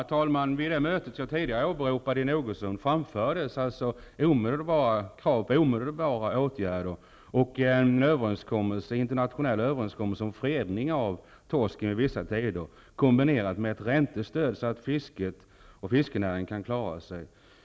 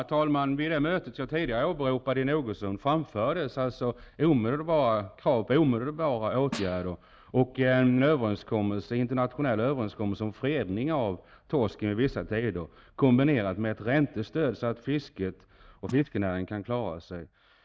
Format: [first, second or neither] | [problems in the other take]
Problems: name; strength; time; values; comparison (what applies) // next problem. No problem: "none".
first | noise reduction (neural mask model DeepFilterNet 3)